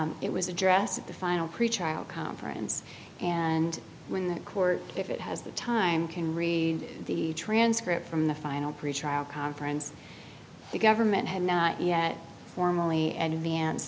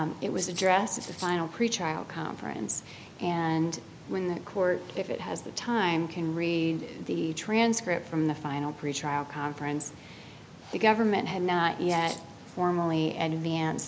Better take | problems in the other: first | background sound (Rattle (instrument)); 15 dB below the speech

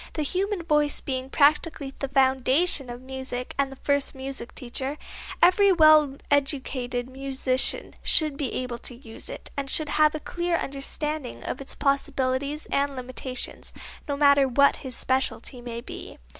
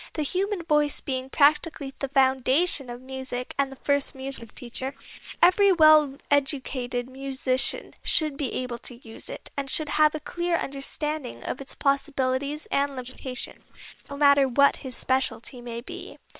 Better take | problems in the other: first | noise reduction (neural separator model SepFormer WHAM!)

